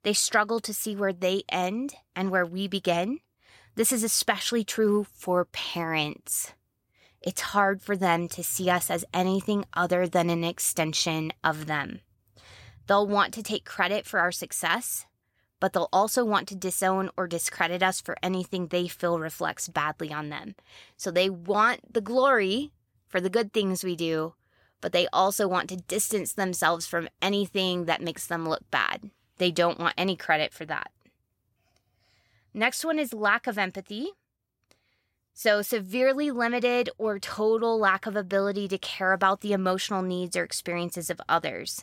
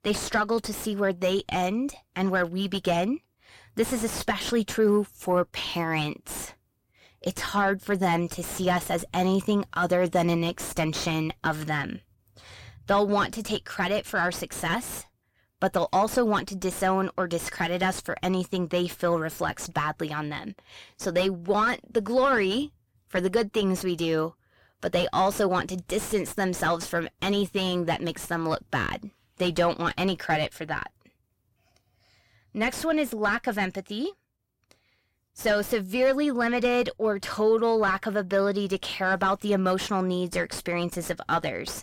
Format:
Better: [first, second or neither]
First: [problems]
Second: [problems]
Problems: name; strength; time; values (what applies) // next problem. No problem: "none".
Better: first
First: none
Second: distortion; heavy; 7 dB below the speech